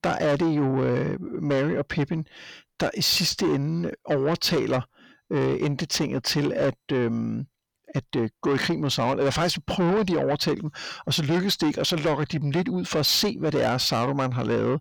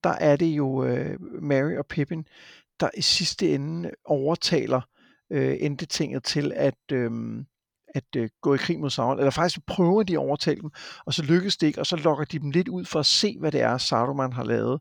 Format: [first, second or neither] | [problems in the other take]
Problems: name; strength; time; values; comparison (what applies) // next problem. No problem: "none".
second | distortion; heavy; 8 dB below the speech